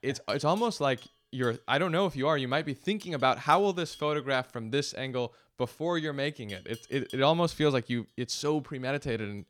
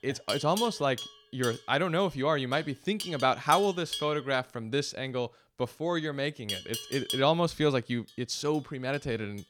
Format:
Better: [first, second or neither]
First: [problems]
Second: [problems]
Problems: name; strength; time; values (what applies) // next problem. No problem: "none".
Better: first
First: animal sounds; faint; throughout; 25 dB below the speech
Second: animal sounds; loud; throughout; 8 dB below the speech